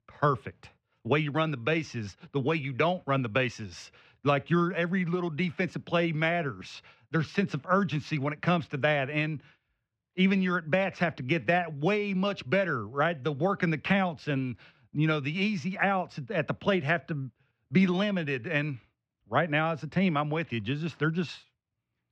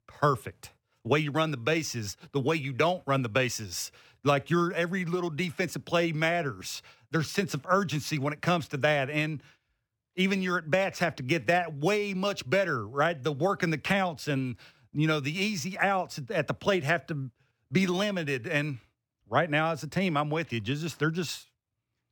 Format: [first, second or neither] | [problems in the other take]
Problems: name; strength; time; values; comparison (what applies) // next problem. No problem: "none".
second | muffled; slightly; fading above 3 kHz